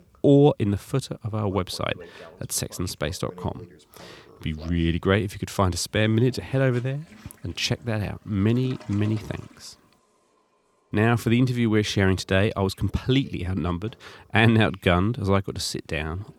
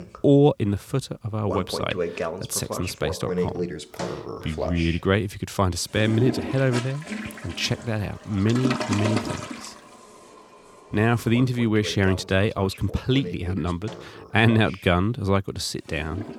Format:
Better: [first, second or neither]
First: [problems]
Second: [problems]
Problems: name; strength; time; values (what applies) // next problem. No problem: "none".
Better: first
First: household noises; faint; throughout; 25 dB below the speech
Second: household noises; loud; throughout; 8 dB below the speech